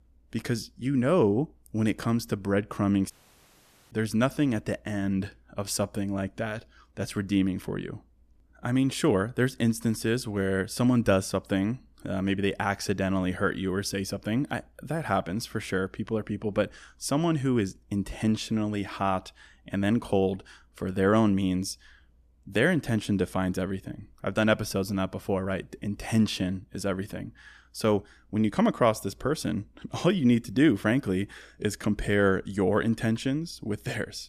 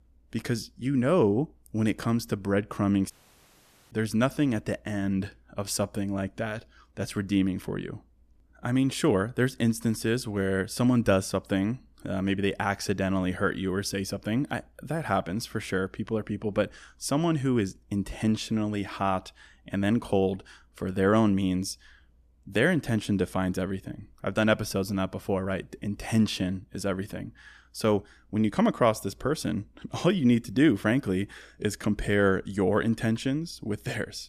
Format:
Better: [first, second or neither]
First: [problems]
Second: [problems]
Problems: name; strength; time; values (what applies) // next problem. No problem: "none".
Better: neither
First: audio cutting out; at 3 s for 1 s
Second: audio cutting out; at 3 s for 1 s